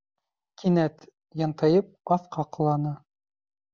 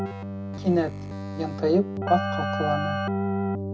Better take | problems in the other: first | background sound (Keyboard (musical)); 1 dB below the speech // room echo; dies away in 0.2 s

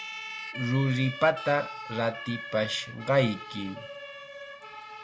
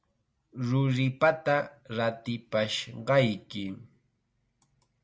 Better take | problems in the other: second | background sound (Siren); 10 dB below the speech

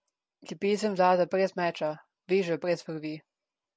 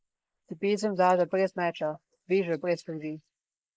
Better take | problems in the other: first | noise reduction (neural mask model Resemble Enhance denoiser)

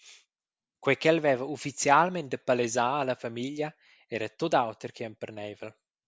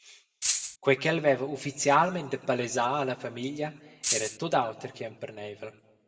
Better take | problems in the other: first | background sound (Rattle (instrument)); as loud as the speech // room echo; dies away in 1.2 s

